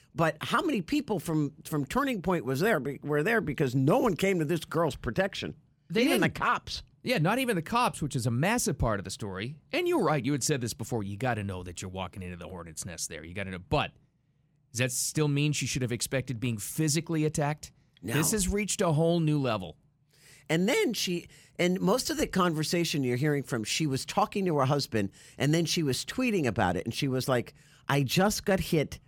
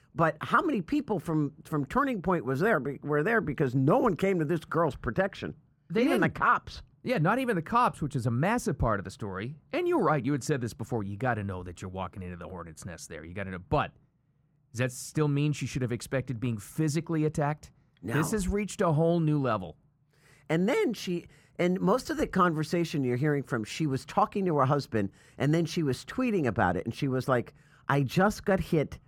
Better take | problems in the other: first | muffled; slightly; fading above 2 kHz

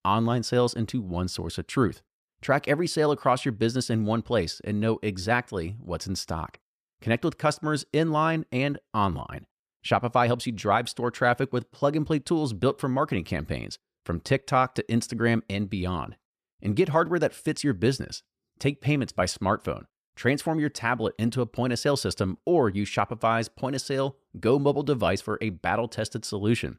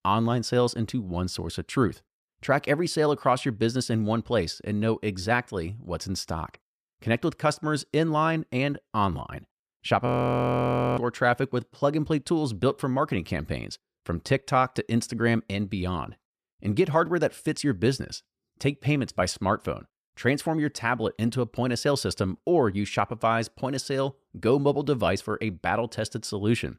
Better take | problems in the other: first | audio freezing; at 10 s for 1 s

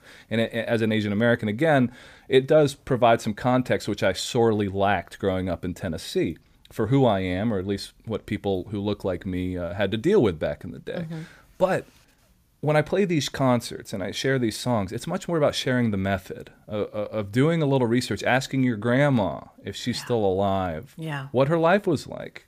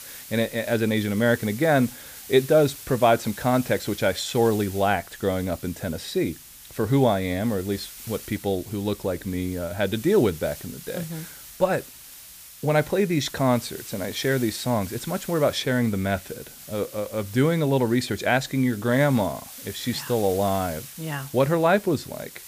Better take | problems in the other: first | hiss; noticeable; throughout; 15 dB below the speech

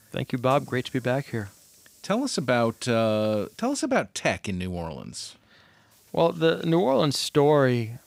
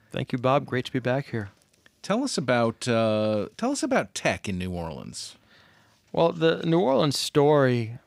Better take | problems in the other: second | hiss; faint; until 4 s and from 6 s on; 30 dB below the speech

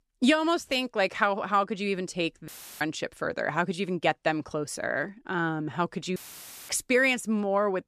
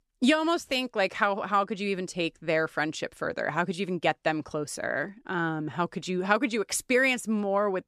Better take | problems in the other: second | audio cutting out; filled with static; at 2.5 s and at 6 s for 0.5 s

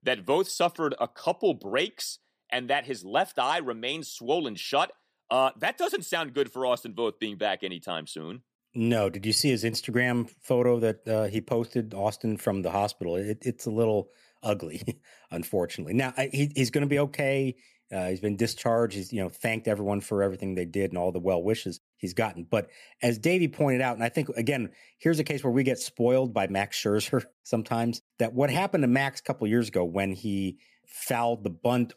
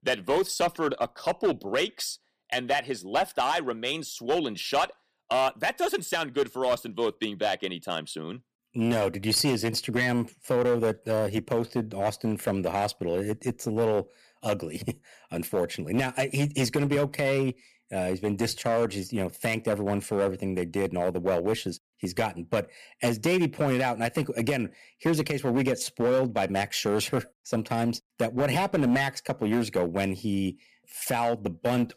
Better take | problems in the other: first | distortion; slight; 6% of the sound clipped

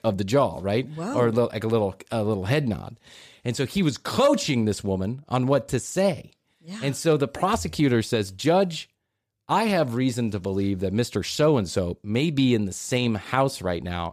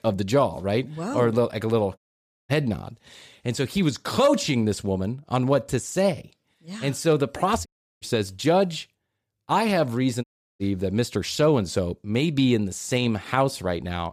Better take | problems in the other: first | audio cutting out; at 2 s for 0.5 s, at 7.5 s and at 10 s

